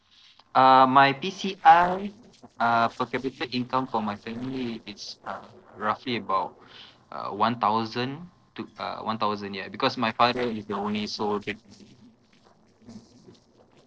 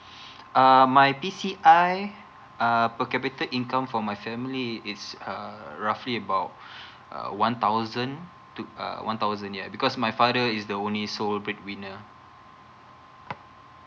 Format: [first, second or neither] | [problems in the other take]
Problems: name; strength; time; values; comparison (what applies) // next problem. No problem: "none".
second | noise reduction (neural separator model SepFormer DNS4)